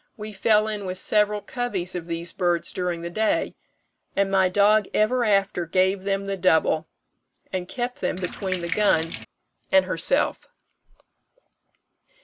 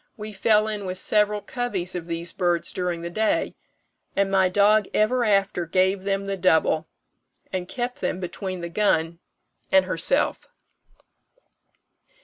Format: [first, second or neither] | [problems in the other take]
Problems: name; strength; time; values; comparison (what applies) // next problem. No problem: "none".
second | background sound (Sink (filling or washing)); 9 dB below the speech